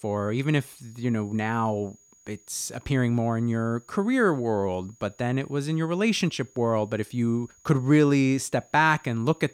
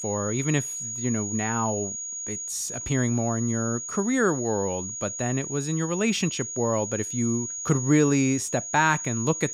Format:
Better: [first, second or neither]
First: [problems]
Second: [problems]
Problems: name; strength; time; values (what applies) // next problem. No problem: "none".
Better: first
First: high-pitched whine; faint; throughout; 6.5 kHz, 30 dB below the speech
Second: high-pitched whine; loud; throughout; 6.5 kHz, 5 dB below the speech